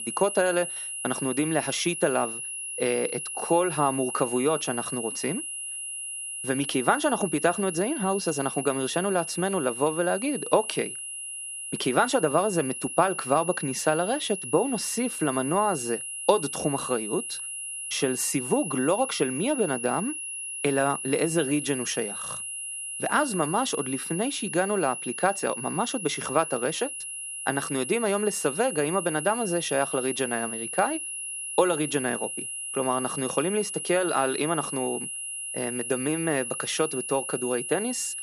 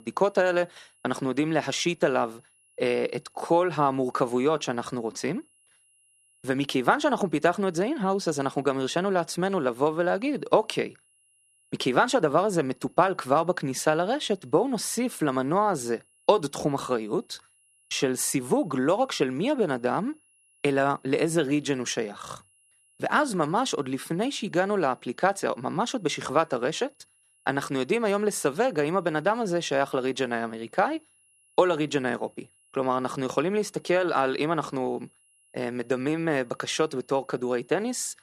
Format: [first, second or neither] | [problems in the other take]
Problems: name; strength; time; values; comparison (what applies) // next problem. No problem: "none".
second | high-pitched whine; loud; throughout; 10.5 kHz, 5 dB below the speech; faint in the second